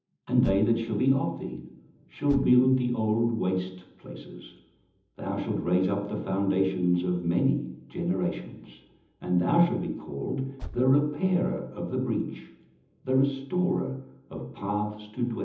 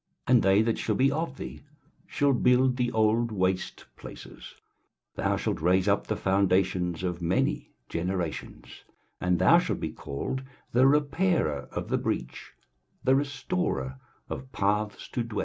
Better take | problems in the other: second | background sound (Car); 17 dB below the speech // room echo; dies away in 0.8 s

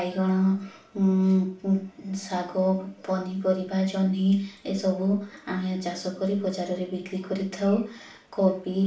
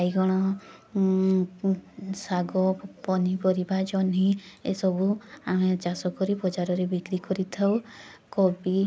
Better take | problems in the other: second | room echo; dies away in 0.4 s

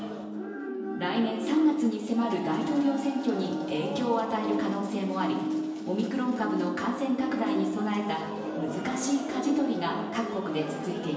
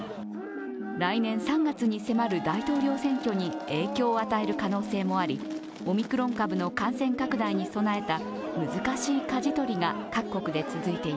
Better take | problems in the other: second | room echo; dies away in 1 s

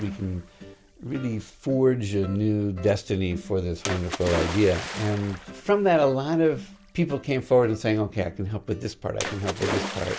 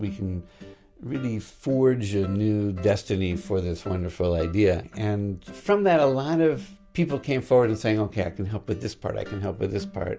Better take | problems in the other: second | background sound (Splash, splatter); 13 dB below the speech

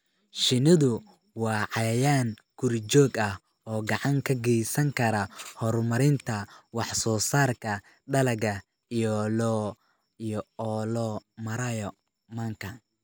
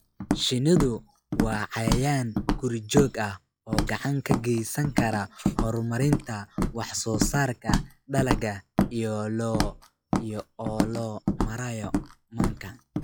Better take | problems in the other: first | noise reduction (classical method log-MMSE)

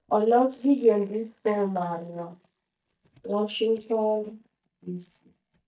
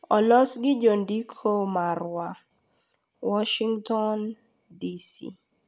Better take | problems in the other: second | noise reduction (neural mask model DeepFilterNet 3)

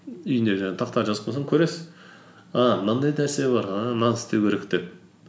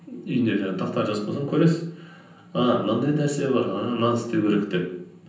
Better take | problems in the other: first | room echo; dies away in 0.6 s

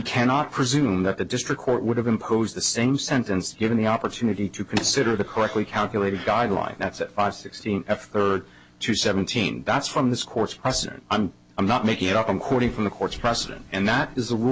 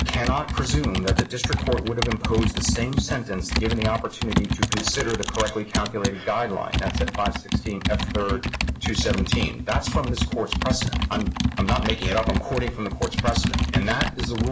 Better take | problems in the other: first | background sound (Computer keyboard); 2 dB above the speech // room echo; dies away in 0.5 s

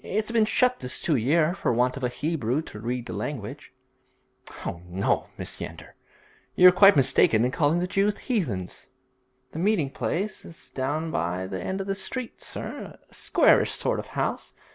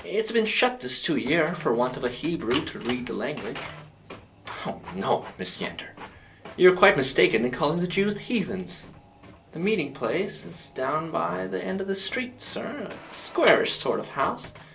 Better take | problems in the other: first | background sound (Printer); 17 dB below the speech // room echo; dies away in 0.2 s

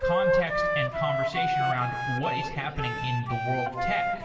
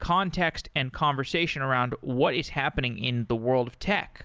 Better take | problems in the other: second | background sound (Wind instrument, woodwind instrument); 3 dB above the speech // room echo; dies away in 2.4 s

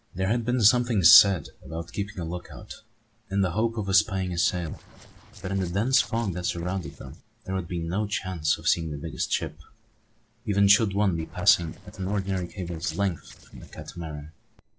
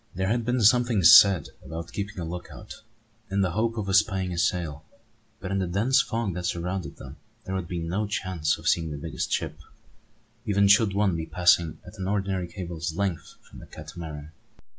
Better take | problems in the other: second | noise reduction (neural separator model SepFormer DNS4)

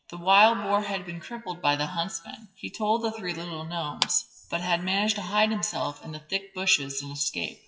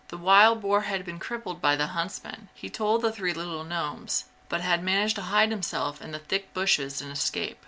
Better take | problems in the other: second | noise reduction (classical method WPE with log-MMSE)

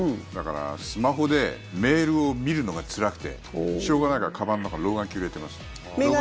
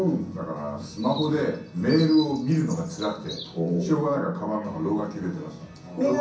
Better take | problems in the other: first | background sound (Chirp, tweet); 16 dB below the speech // room echo; dies away in 0.6 s

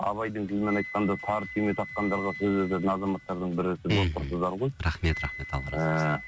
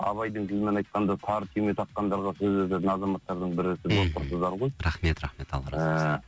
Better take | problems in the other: second | background sound (Wind instrument, woodwind instrument); 14 dB below the speech

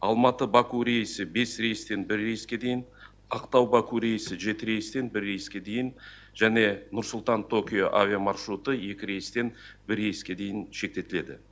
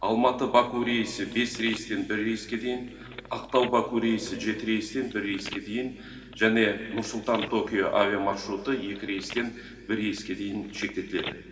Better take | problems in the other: first | background sound (Telephone); 17 dB below the speech // room echo; dies away in 2.3 s

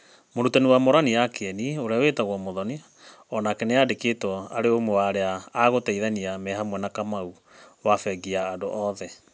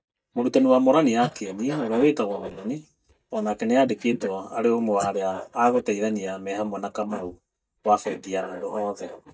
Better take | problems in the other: first | noise reduction (neural mask model DeepFilterNet 3)

